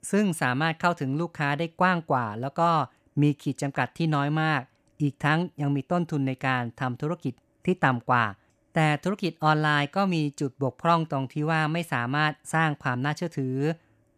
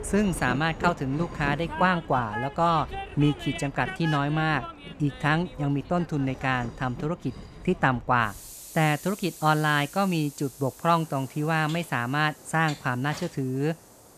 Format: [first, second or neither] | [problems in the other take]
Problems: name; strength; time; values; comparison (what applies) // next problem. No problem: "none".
first | train or aircraft noise; noticeable; throughout; 15 dB below the speech